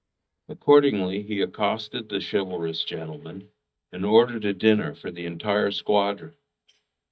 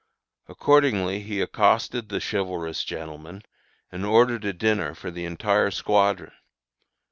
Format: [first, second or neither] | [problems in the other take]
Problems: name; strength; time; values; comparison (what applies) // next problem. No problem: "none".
second | noise reduction (neural mask model DeepFilterNet 3)